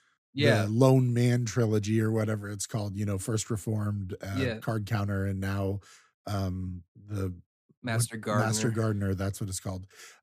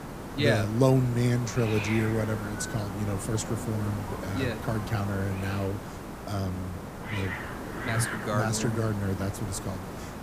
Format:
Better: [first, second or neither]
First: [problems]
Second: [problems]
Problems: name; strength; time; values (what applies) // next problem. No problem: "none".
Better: first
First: none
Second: hiss; loud; throughout; 7 dB below the speech